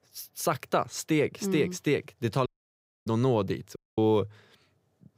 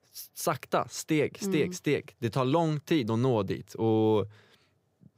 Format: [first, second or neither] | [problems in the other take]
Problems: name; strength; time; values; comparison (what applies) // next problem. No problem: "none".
second | audio cutting out; at 2.5 s for 0.5 s and at 4 s